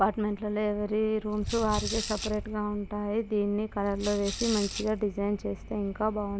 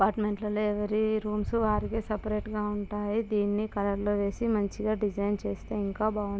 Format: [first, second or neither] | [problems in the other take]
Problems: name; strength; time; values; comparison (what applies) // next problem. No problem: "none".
second | background sound (Rattle / Rattle (instrument)); 9 dB below the speech